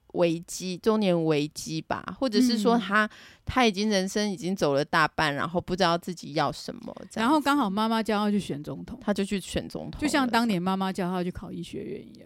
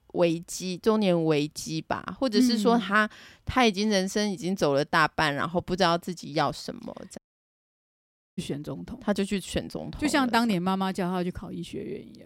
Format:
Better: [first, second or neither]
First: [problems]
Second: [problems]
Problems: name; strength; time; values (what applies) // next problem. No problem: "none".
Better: first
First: none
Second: audio cutting out; at 7 s for 1 s